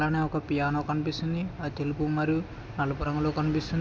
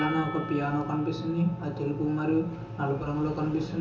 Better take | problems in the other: first | background sound (Percussion); 14 dB below the speech // room echo; dies away in 0.8 s

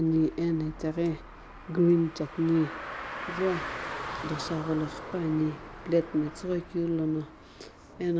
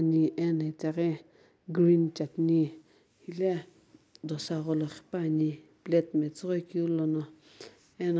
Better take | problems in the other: second | background sound (Car); 11 dB below the speech

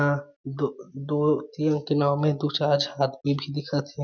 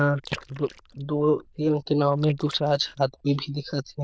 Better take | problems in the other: first | noise reduction (neural diffusion model UNIVERSE++)

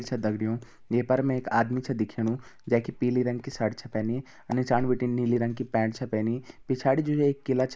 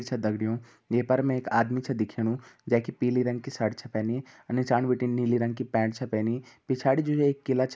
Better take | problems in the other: second | background sound (Walk, footsteps); 17 dB below the speech

